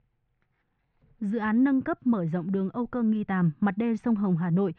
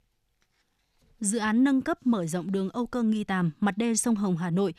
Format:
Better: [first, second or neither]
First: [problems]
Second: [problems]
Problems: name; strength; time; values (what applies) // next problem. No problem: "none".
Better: second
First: muffled; very; fading above 2 kHz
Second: none